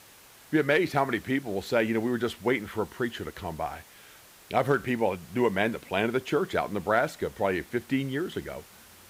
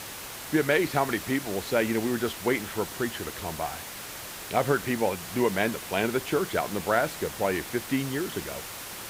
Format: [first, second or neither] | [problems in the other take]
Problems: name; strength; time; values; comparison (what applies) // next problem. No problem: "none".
first | hiss; loud; throughout; 9 dB below the speech; faint in the first